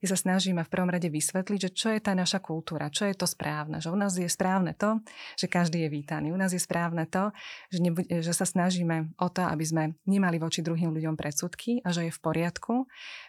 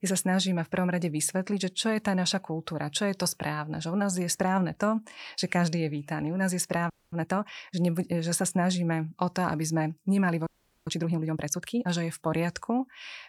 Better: first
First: none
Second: audio freezing; at 7 s and at 10 s

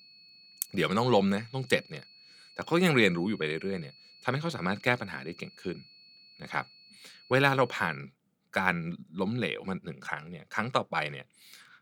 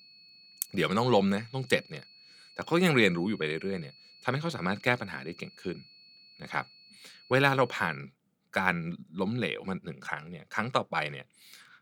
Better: neither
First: high-pitched whine; faint; until 8 s; 4.5 kHz, 25 dB below the speech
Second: high-pitched whine; faint; until 8 s; 4.5 kHz, 25 dB below the speech

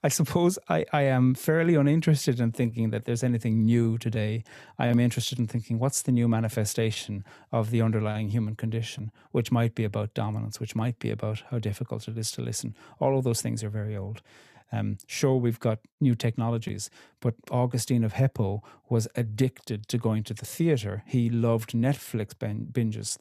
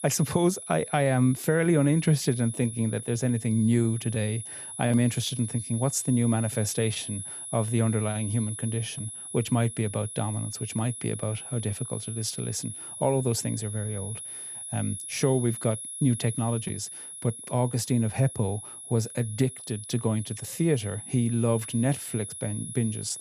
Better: first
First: none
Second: high-pitched whine; loud; throughout; 10.5 kHz, 9 dB below the speech

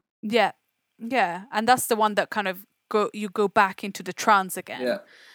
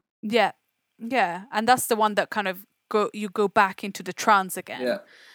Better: neither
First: none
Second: none

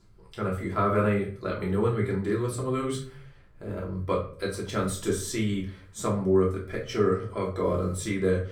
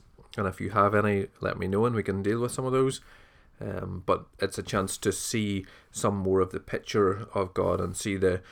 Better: second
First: off-mic speech; far // room echo; slight; dies away in 0.4 s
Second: none

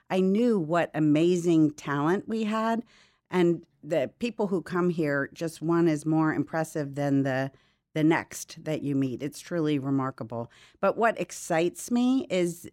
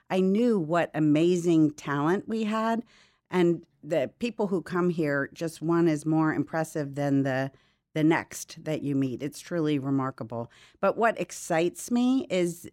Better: neither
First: none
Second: none

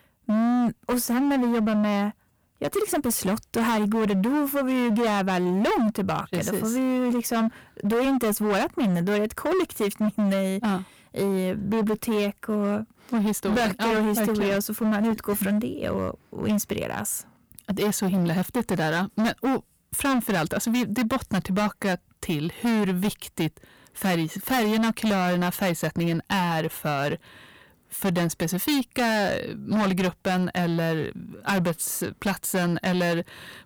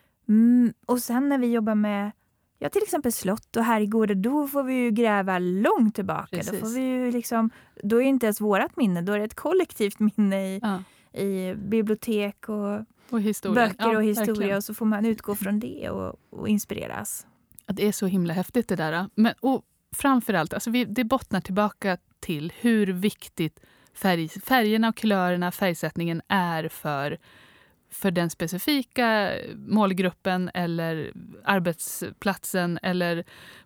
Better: second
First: distortion; heavy; 21% of the sound clipped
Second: none

